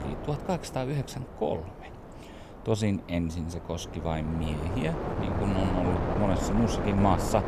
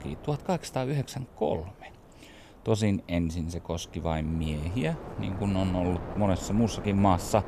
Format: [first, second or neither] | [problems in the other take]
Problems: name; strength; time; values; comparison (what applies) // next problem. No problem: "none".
second | wind noise on the microphone; heavy; 2 dB below the speech; occasional gusts in the second